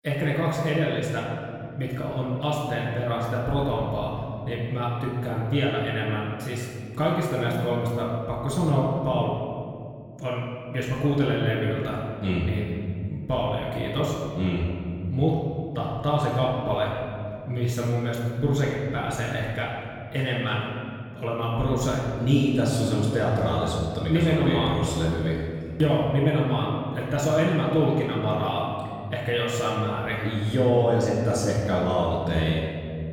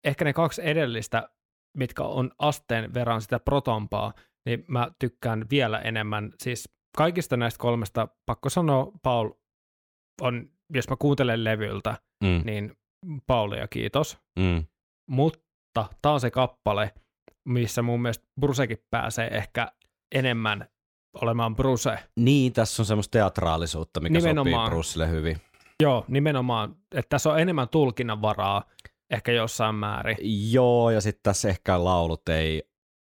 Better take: second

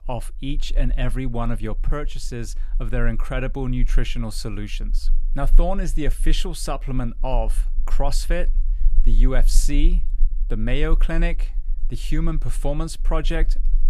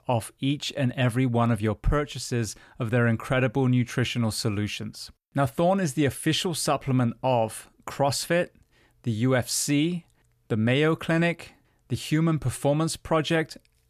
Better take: second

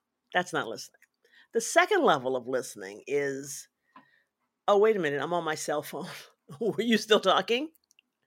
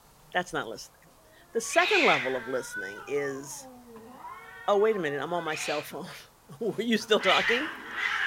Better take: first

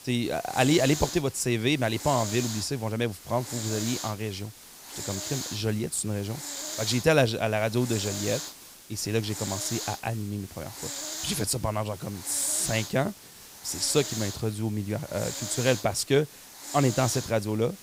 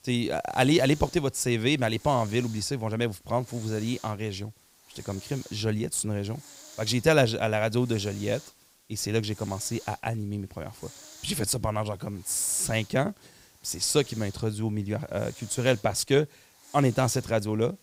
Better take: second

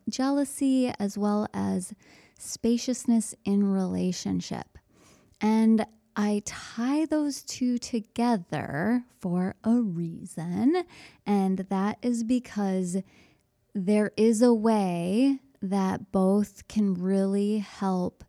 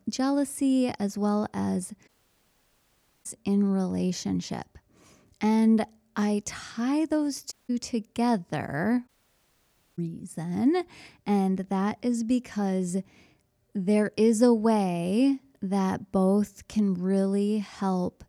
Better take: first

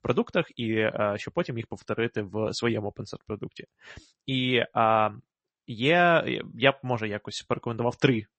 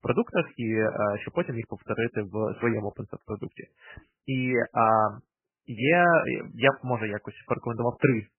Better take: first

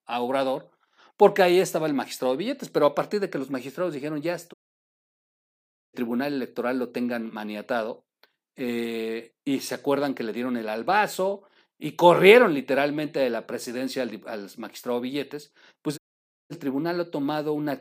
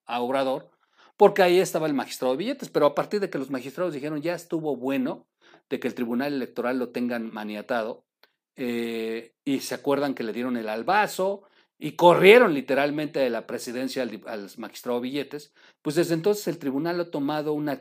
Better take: second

